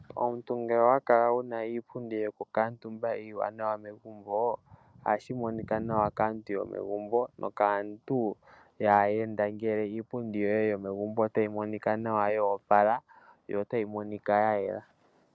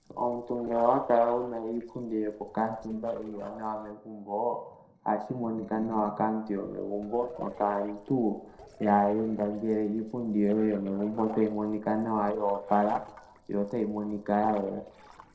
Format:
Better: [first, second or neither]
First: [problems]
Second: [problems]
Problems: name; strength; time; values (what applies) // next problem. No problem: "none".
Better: first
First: none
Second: noise reduction (neural separator model SepFormer DNS4)